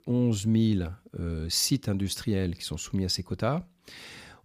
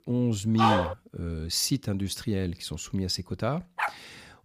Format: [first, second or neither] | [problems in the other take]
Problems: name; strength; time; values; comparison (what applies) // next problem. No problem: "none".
first | dog barking; loud; at 0.5 s; peak 5 dB above the speech // dog barking; noticeable; at 4 s; peak 3 dB below the speech